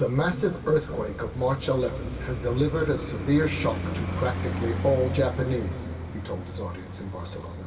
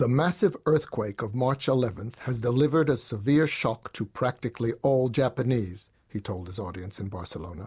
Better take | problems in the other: second | background sound (Traffic noise, roadway noise); 6 dB below the speech // room echo; dies away in 2.4 s

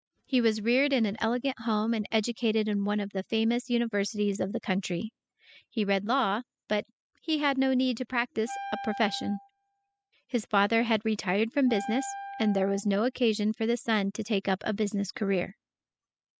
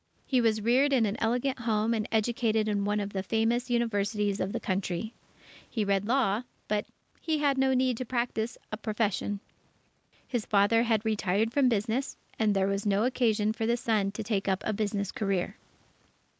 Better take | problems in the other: second | noise reduction (classical method spectral subtraction)

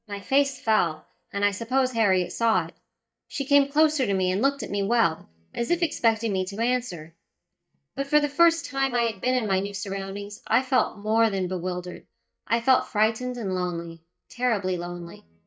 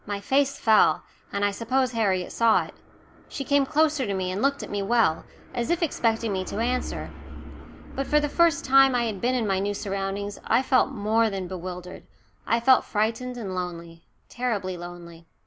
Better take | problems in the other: second | noise reduction (neural mask model DeepFilterNet 3)

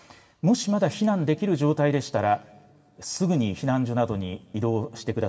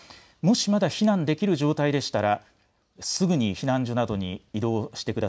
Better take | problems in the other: second | room echo; dies away in 1.9 s

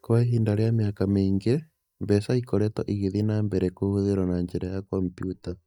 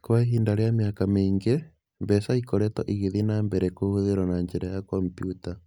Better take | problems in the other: second | noise reduction (neural mask model DeepFilterNet 3)

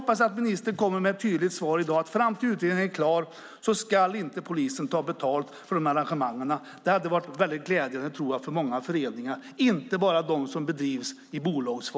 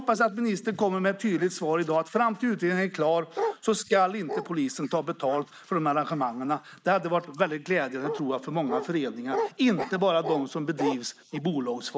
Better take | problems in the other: first | noise reduction (neural mask model Resemble Enhance denoiser)

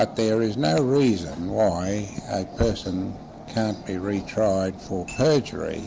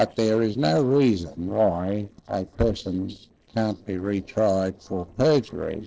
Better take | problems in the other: first | noise reduction (neural separator model SepFormer DNS4)

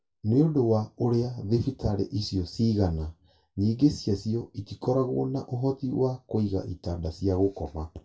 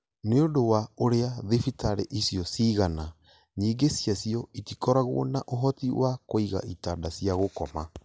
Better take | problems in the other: second | room echo; dies away in 0.2 s

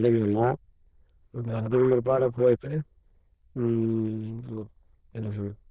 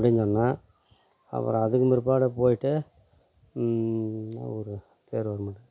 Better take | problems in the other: second | noise reduction (neural diffusion model UNIVERSE++)

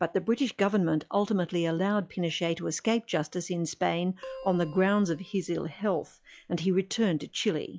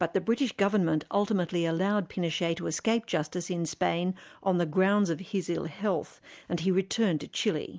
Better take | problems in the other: second | noise reduction (classical method log-MMSE)

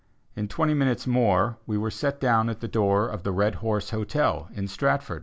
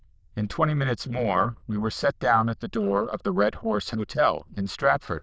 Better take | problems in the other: first | noise reduction (neural diffusion model UNIVERSE++)

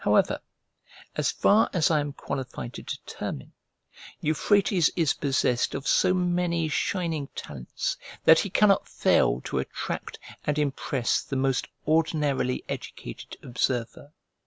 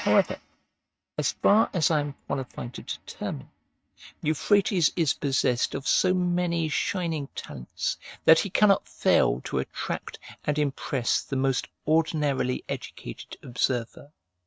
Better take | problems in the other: first | noise reduction (neural mask model RNNoise)

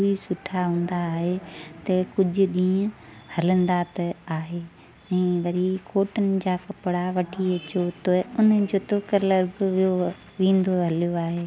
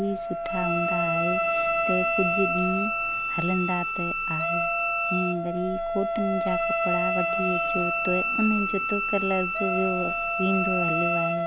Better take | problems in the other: first | background sound (Wind instrument, woodwind instrument + Bowed string instrument); 3 dB above the speech

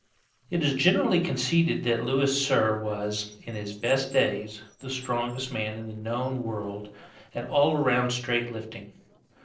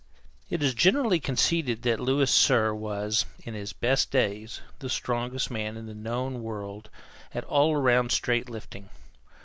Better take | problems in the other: second | noise reduction (neural separator model SepFormer DNS4)

